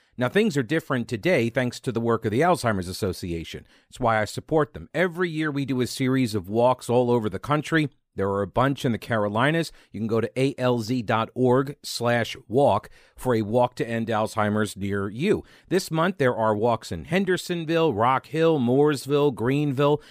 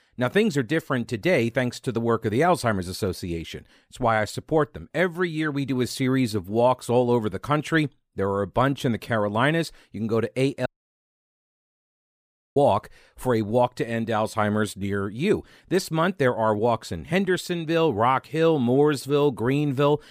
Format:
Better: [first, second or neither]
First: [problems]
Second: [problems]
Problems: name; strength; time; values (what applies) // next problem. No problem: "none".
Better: first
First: none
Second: audio cutting out; at 11 s for 2 s